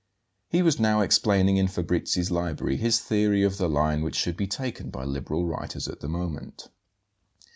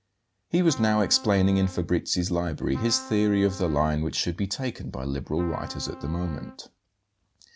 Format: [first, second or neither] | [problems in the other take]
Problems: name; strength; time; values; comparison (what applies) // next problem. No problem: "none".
first | background sound (Trumpet); 17 dB below the speech